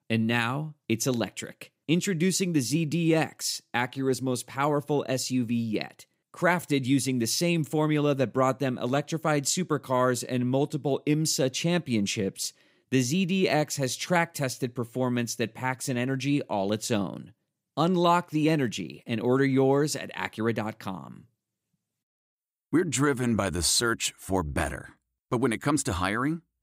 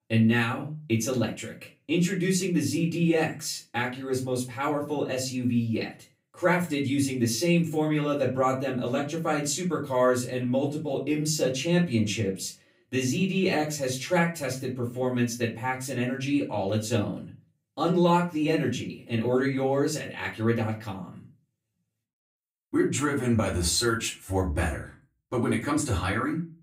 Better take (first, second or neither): first